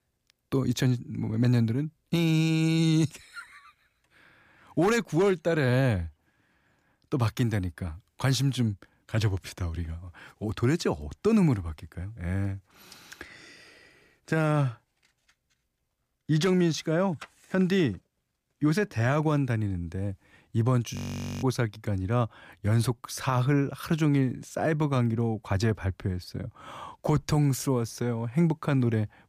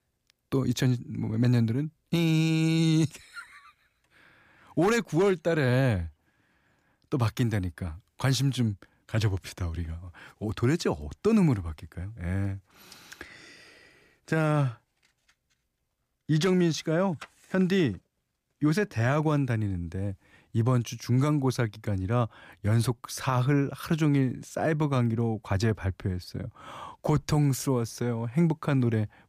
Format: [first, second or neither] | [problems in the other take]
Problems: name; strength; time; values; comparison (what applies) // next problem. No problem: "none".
second | audio freezing; at 21 s